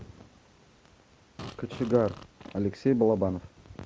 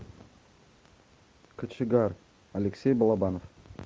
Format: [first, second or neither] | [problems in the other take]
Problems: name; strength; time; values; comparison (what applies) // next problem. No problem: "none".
second | background sound (Fart); 15 dB below the speech